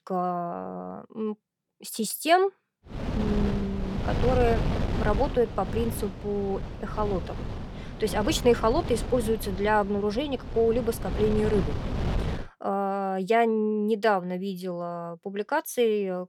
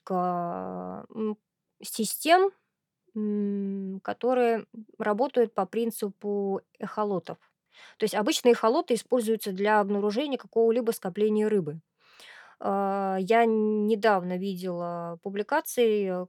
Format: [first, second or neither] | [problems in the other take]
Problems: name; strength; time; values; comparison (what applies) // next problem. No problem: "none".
second | wind noise on the microphone; occasional gusts; from 3 to 12 s; 10 dB below the speech